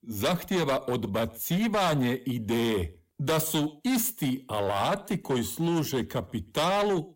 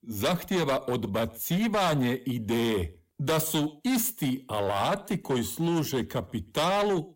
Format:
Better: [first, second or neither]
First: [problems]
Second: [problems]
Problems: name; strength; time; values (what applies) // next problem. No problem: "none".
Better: neither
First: distortion; heavy; 17% of the sound clipped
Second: distortion; heavy; 17% of the sound clipped